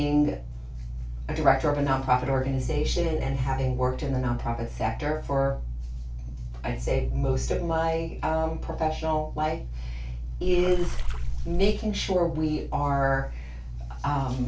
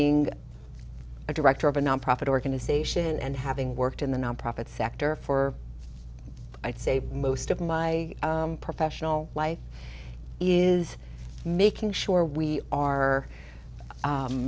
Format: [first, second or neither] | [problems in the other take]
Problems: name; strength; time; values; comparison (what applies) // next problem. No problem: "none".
second | background sound (Water / Splash, splatter); 2 dB above the speech // room echo; dies away in 0.2 s